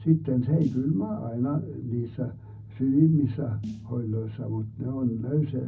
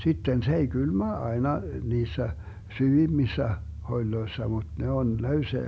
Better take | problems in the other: second | background sound (Snare drum); 19 dB below the speech // room echo; dies away in 0.4 s

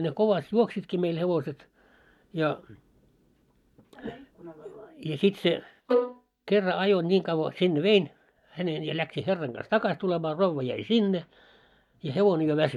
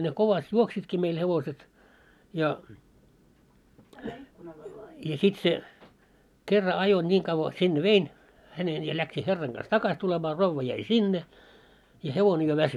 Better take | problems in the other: second | noise reduction (neural mask model DeepFilterNet 3)

